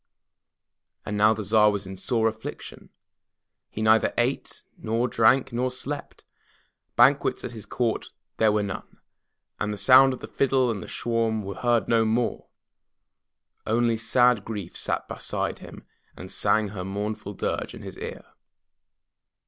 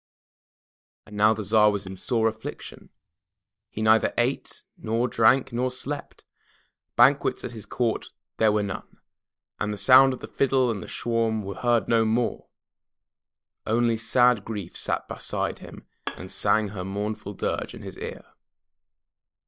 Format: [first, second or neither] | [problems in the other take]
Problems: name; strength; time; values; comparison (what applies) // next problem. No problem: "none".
first | noise reduction (neural mask model DeepFilterNet 3)